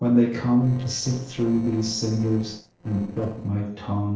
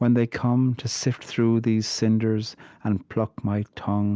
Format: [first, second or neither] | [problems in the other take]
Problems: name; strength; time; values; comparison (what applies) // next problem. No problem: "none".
second | noise reduction (neural separator model SepFormer DNS4)